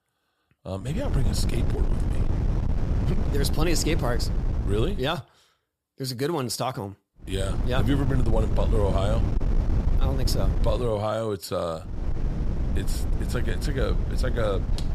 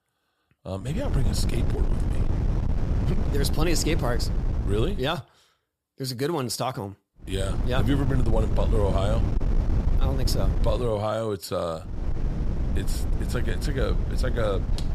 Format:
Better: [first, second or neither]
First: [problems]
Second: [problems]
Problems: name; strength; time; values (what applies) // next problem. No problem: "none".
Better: neither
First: wind noise on the microphone; heavy; from 1 to 5 s, from 7.5 to 11 s and from 12 s on; 8 dB below the speech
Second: wind noise on the microphone; heavy; from 1 to 5 s, from 7.5 to 11 s and from 12 s on; 8 dB below the speech